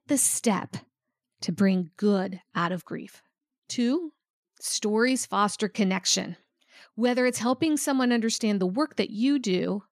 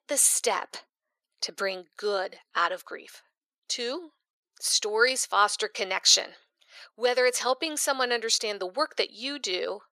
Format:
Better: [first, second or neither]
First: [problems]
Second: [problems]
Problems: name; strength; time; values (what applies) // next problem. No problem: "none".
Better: first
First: none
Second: thin; very; fading below 500 Hz